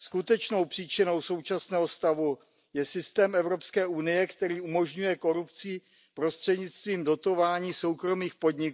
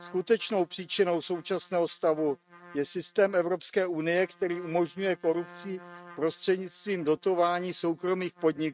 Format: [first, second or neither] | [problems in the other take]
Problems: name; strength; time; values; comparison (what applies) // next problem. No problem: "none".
first | noise reduction (neural mask model RNNoise)